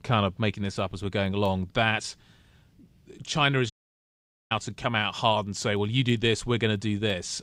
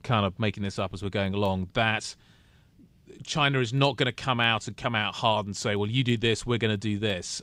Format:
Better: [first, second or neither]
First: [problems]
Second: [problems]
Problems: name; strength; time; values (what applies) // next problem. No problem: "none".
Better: second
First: audio cutting out; at 3.5 s for 1 s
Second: none